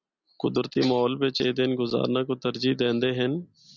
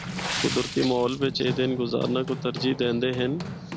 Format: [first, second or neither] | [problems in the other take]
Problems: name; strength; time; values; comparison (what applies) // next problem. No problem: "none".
first | background sound (Water / Splash, splatter + Run); 7 dB below the speech